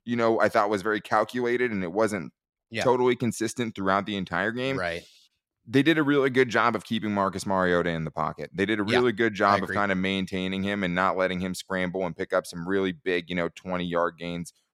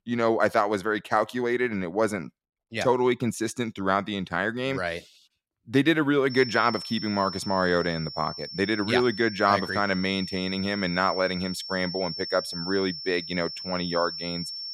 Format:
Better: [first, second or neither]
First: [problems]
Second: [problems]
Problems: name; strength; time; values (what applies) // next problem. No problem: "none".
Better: first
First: none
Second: high-pitched whine; loud; from 6.5 s on; 5.5 kHz, 9 dB below the speech